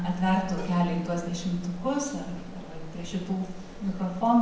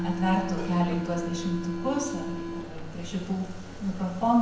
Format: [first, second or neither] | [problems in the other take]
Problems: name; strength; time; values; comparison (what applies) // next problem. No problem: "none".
first | background sound (Subway, metro, underground); 9 dB below the speech